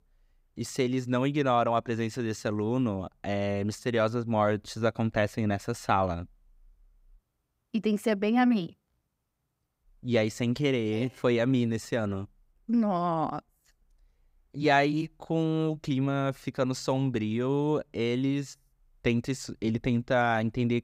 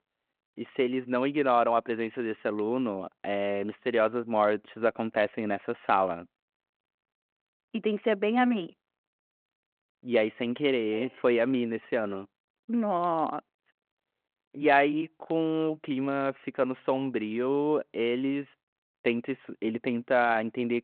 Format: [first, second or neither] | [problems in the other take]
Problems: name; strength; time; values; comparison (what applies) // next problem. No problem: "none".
first | phone-call audio